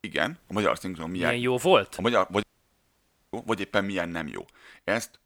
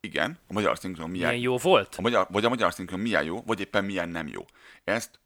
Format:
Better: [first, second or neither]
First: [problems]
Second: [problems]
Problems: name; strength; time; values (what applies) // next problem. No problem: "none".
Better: second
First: audio cutting out; at 2.5 s for 1 s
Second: none